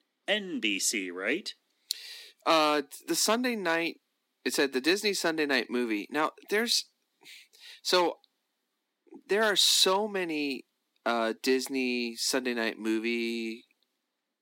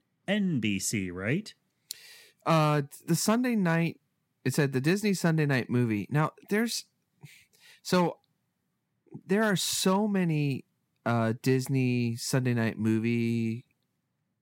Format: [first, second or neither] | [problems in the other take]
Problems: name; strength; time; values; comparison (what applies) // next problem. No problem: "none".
second | thin; somewhat; fading below 250 Hz